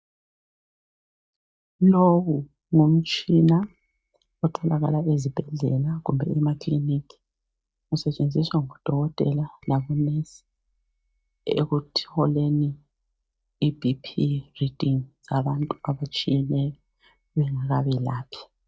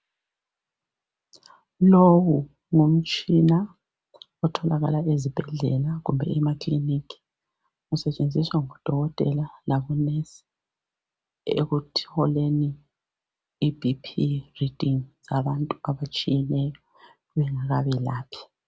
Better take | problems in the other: second | noise reduction (neural mask model DeepFilterNet 3)

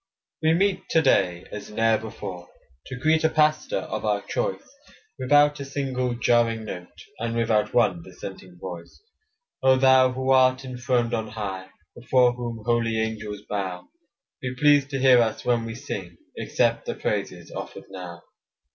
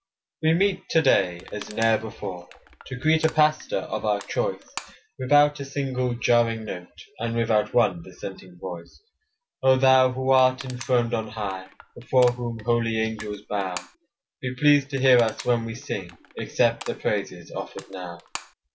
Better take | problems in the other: first | background sound (Crushing); 19 dB below the speech

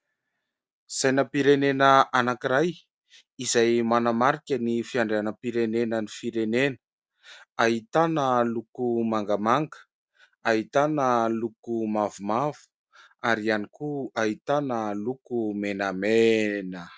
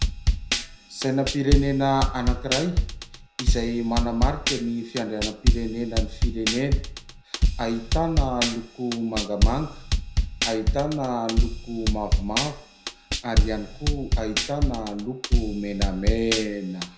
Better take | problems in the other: first | background sound (Drum kit); 3 dB above the speech // room echo; dies away in 0.4 s

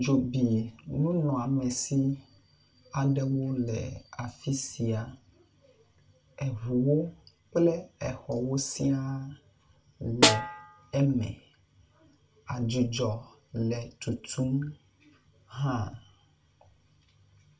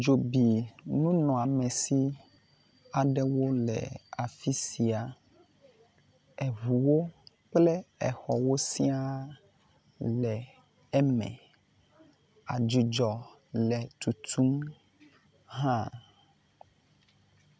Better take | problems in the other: second | background sound (Snare drum); 2 dB above the speech // room echo; dies away in 0.2 s

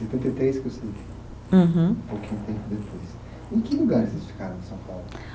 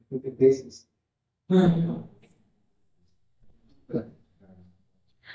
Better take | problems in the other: first | noise reduction (neural mask model DeepFilterNet 3)

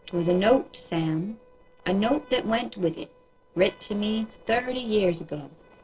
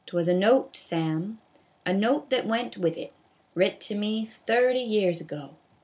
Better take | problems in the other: second | noise reduction (neural separator model SepFormer DNS4)

